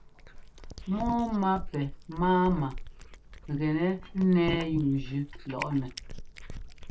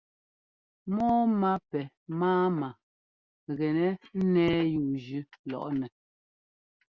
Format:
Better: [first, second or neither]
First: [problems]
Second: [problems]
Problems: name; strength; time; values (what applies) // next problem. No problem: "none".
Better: second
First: background sound (Cat); 12 dB below the speech // room echo; dies away in 0.2 s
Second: none